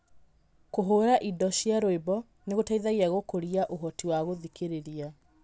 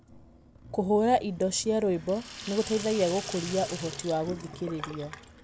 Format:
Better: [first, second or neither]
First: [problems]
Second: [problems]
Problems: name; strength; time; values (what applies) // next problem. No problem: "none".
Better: first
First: none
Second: background sound (Sink (filling or washing) / Water tap, faucet); 13 dB below the speech